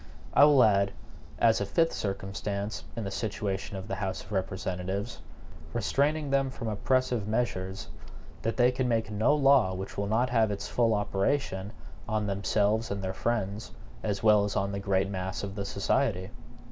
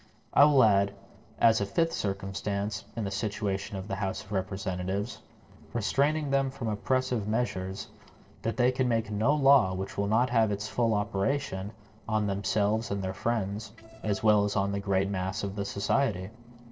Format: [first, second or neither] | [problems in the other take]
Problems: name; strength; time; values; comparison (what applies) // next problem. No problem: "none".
first | noise reduction (neural separator model SepFormer DNS4)